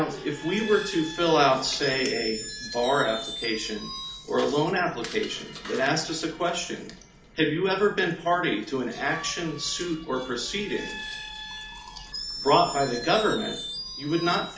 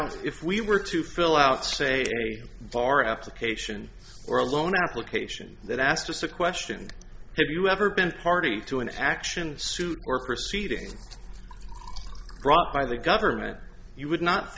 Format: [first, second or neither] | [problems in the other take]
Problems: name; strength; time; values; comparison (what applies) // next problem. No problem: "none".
second | background sound (Screech); 12 dB below the speech // room echo; dies away in 0.4 s